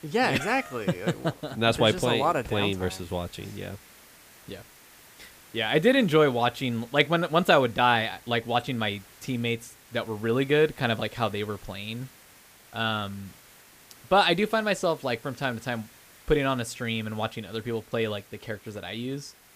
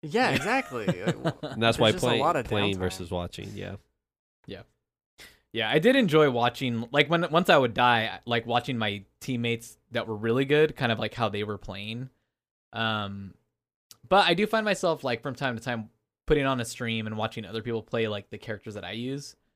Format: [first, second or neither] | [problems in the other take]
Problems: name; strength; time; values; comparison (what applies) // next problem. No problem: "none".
second | hiss; faint; throughout; 25 dB below the speech